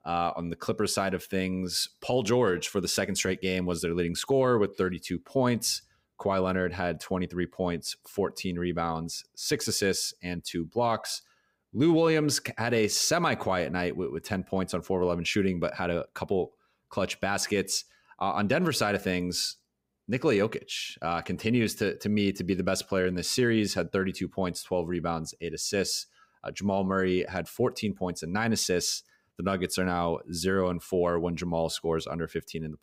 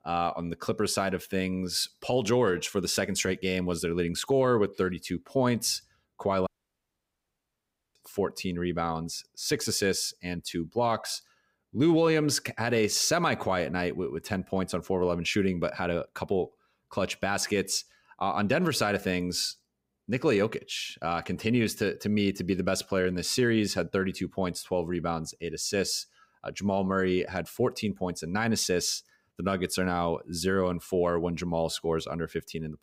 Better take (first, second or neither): first